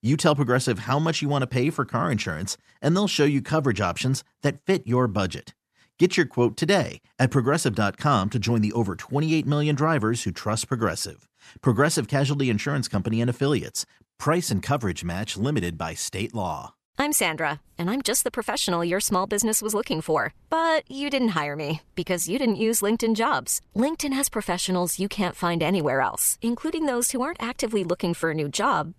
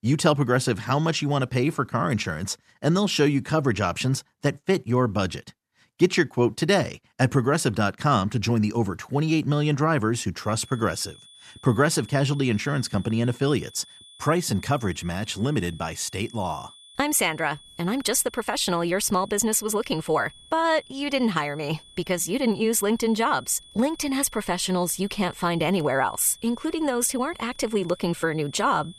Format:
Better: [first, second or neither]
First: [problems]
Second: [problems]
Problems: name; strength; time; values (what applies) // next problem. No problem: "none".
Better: first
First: none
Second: high-pitched whine; faint; from 10 s on; 3.5 kHz, 25 dB below the speech